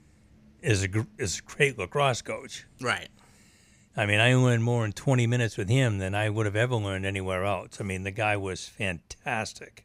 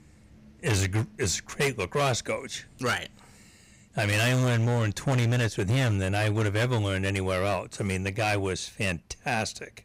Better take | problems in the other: first | distortion; heavy; 13% of the sound clipped

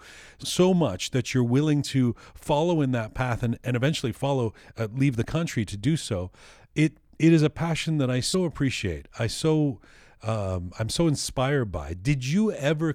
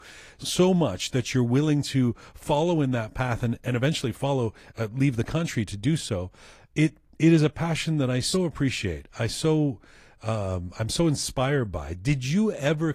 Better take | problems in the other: first | garbled, watery; slightly

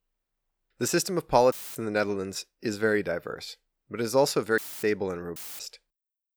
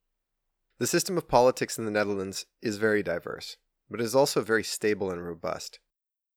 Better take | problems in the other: second | audio cutting out; filled with static; at 1.5 s, at 4.5 s and at 5.5 s

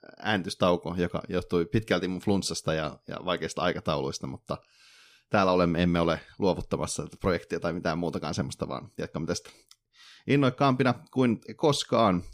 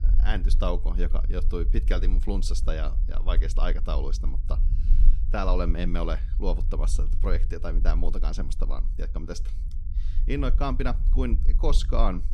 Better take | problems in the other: first | low rumble; noticeable; throughout; 15 dB below the speech

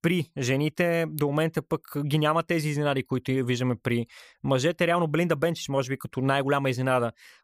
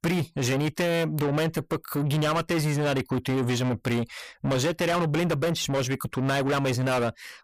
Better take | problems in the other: first | distortion; heavy; 6 dB below the speech

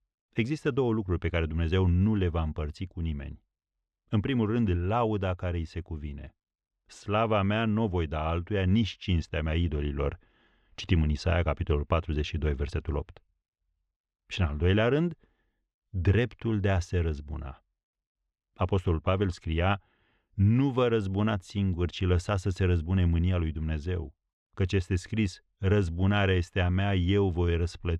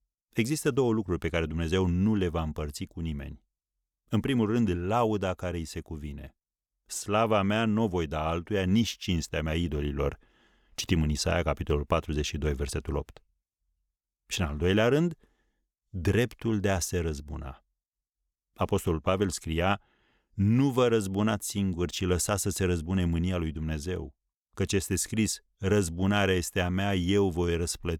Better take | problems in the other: second | muffled; slightly; fading above 3 kHz

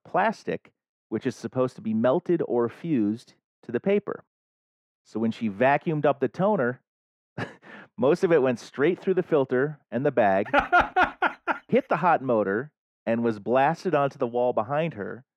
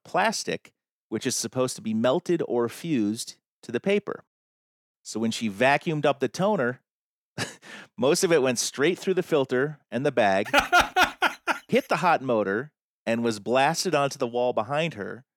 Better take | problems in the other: second | muffled; very; fading above 3.5 kHz

